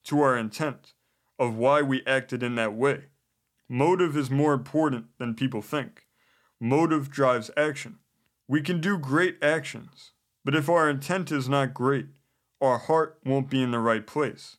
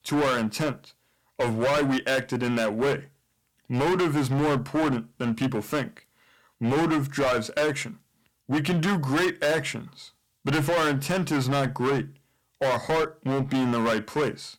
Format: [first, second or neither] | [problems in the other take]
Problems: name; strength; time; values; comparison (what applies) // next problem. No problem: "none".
first | distortion; heavy; 18% of the sound clipped